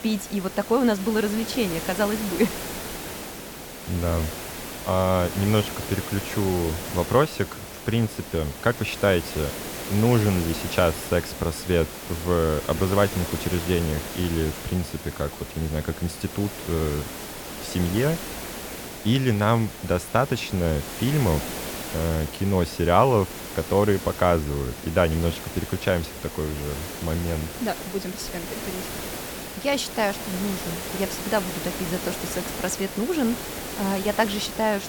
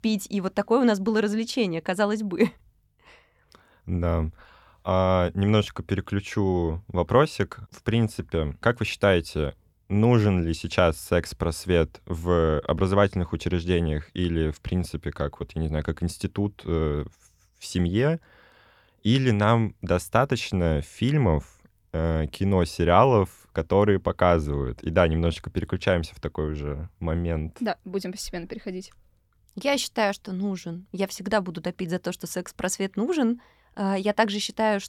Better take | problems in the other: second | hiss; loud; throughout; 8 dB below the speech

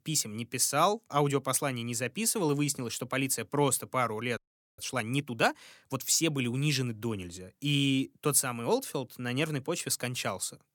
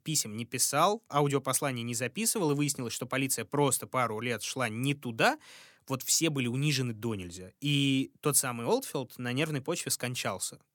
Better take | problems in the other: second | audio freezing; at 4.5 s

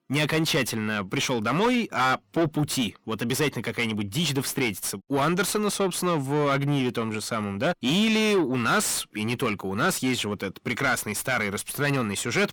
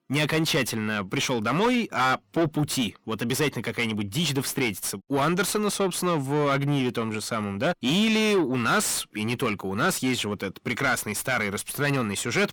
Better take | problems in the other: neither | distortion; heavy; 7 dB below the speech; the same in both

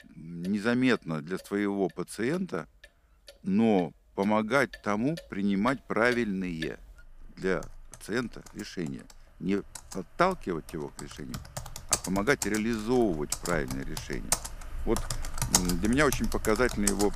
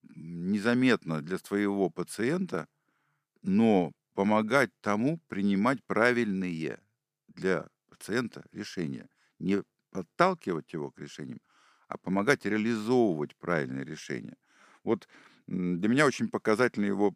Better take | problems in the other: second | household noises; loud; throughout; 5 dB below the speech

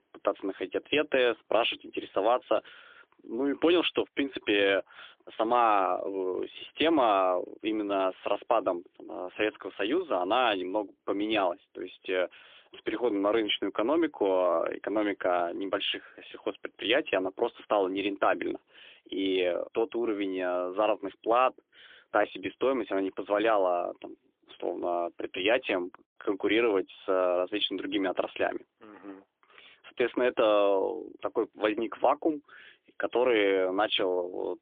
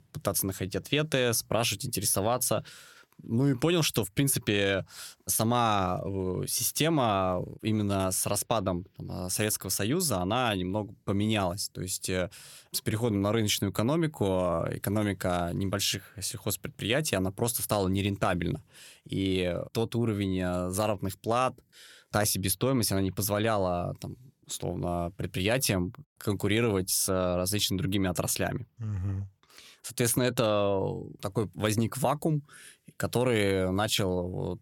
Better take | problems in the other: second | phone-call audio; poor line; nothing above 3.5 kHz

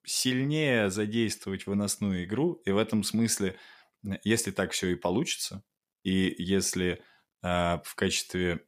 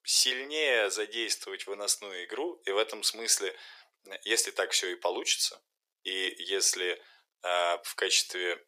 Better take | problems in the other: first | thin; very; fading below 400 Hz

